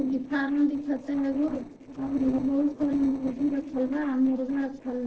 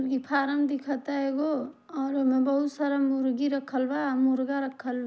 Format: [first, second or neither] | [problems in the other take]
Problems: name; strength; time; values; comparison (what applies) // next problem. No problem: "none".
second | noise reduction (neural separator model SepFormer DNS4)